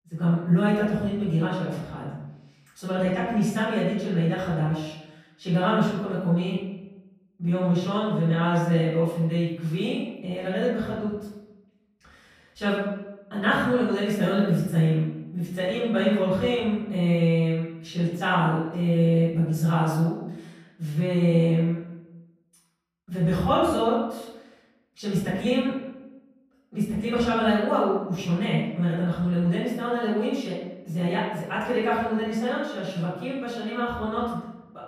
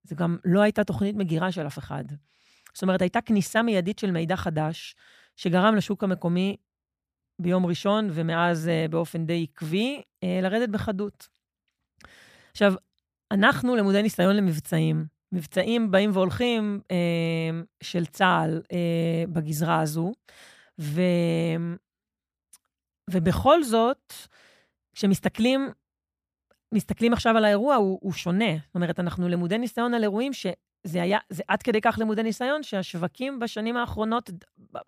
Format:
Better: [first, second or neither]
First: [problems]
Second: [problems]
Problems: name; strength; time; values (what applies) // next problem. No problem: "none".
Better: second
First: room echo; noticeable; dies away in 0.8 s // off-mic speech; far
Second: none